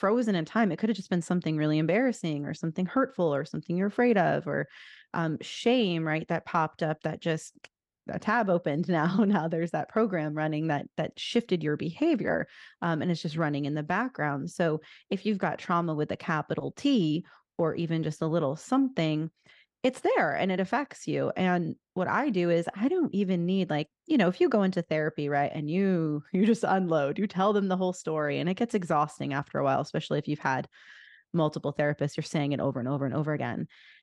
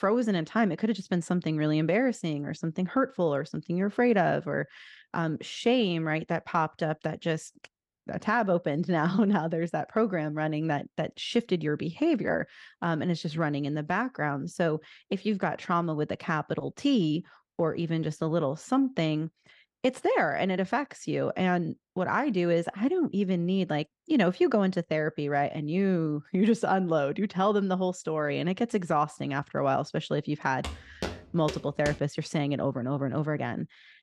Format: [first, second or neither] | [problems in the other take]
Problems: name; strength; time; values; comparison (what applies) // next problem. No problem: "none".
first | footsteps; noticeable; from 31 to 32 s; peak 9 dB below the speech